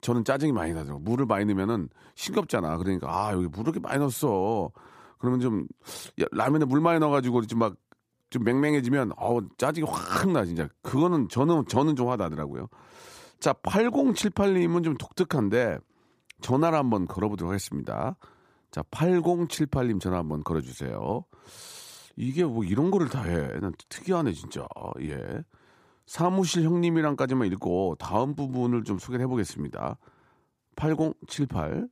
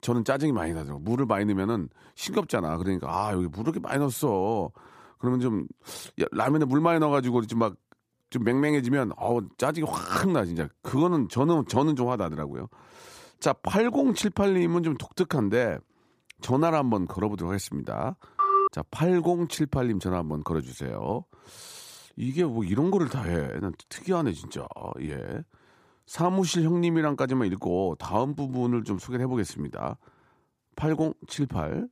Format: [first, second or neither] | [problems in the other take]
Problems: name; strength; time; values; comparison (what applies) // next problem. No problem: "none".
first | phone ringing; loud; at 18 s; peak 5 dB above the speech